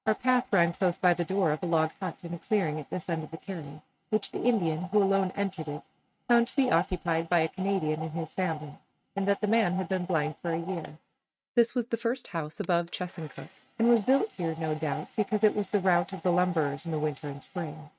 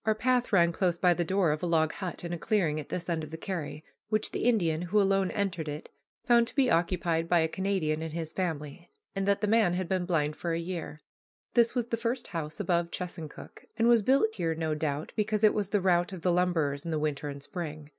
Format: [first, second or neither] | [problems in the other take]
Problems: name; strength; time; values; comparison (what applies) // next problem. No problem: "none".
second | noise reduction (neural mask model RNNoise)